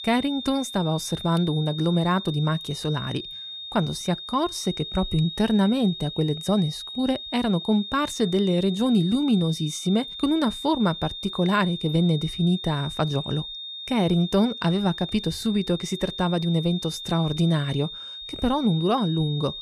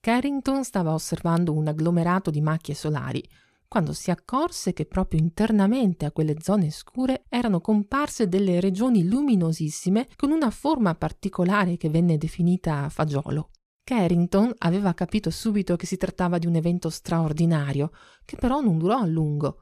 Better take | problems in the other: second | high-pitched whine; loud; throughout; 3.5 kHz, 9 dB below the speech

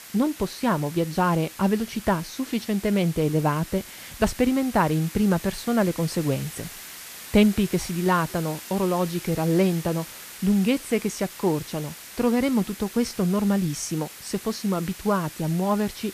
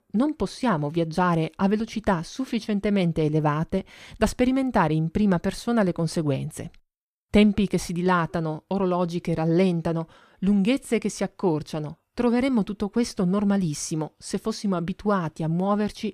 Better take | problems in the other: second | hiss; noticeable; throughout; 15 dB below the speech

